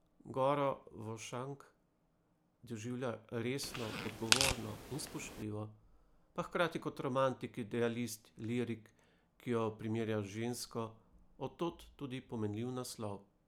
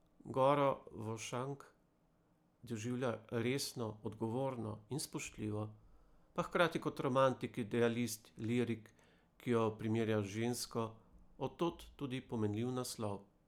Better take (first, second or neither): second